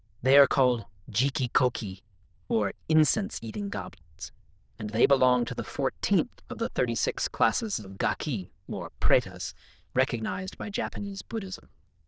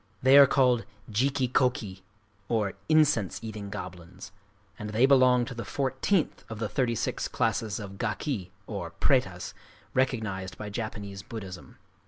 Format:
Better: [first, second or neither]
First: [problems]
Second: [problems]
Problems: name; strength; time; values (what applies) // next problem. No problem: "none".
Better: second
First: noise reduction (neural diffusion model UNIVERSE++)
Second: none